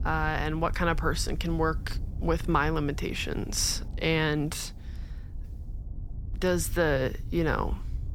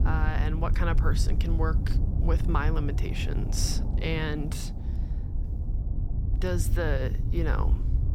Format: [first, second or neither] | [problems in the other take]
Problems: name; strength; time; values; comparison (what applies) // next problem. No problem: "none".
first | low rumble; loud; throughout; 10 dB below the speech; faint in the first